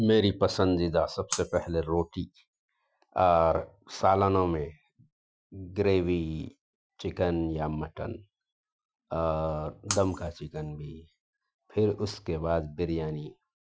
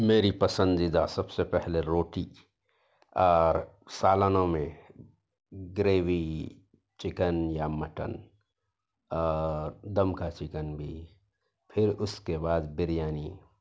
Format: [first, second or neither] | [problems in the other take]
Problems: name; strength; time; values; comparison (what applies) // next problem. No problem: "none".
second | noise reduction (classical method Wiener filter)